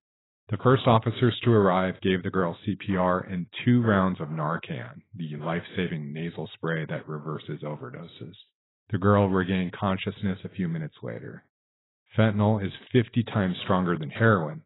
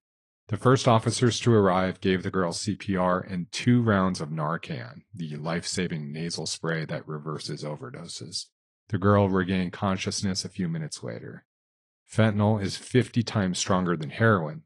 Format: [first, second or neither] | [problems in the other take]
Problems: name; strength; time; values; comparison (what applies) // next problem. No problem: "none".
second | garbled, watery; badly; nothing above 4 kHz; slightly in the second